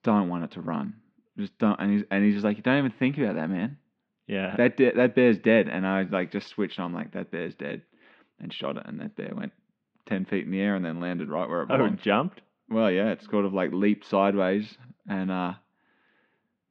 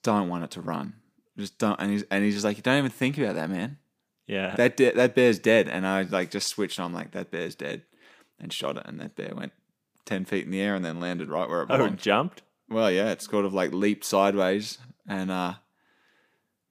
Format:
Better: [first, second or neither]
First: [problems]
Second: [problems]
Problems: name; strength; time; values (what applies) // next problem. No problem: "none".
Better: second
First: muffled; very; fading above 3 kHz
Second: none